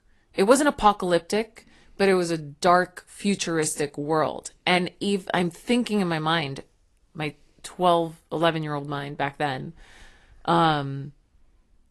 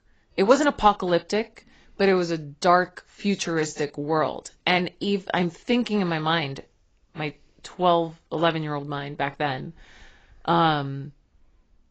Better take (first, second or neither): first